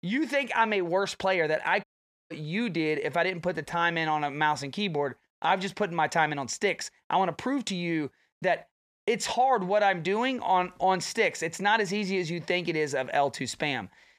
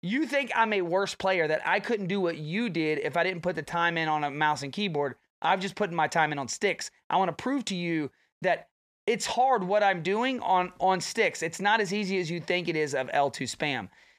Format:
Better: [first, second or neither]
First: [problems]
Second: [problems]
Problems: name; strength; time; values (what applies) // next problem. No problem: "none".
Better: second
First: audio cutting out; at 2 s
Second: none